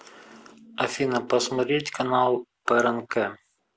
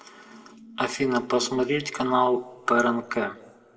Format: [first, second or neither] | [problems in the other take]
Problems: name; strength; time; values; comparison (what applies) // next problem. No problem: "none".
first | room echo; dies away in 1.6 s